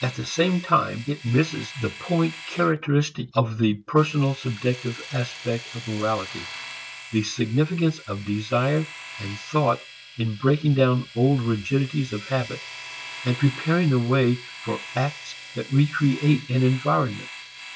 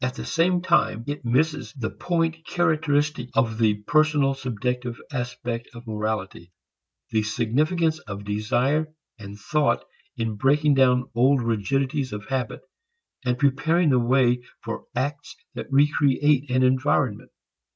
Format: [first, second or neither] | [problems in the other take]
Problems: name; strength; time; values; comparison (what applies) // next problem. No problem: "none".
second | background sound (Domestic sounds, home sounds); 16 dB below the speech